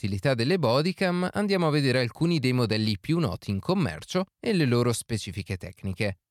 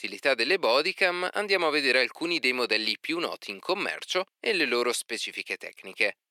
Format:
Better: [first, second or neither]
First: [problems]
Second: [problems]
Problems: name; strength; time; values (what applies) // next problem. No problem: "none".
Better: first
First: none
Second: thin; very; fading below 350 Hz